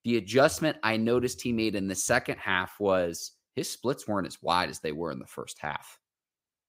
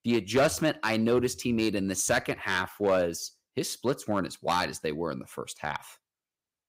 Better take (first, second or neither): first